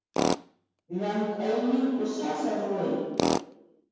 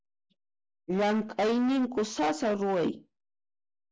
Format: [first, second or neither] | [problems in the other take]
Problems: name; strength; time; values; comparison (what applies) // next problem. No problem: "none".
second | background sound (Tools); 4 dB below the speech // room echo; dies away in 1.2 s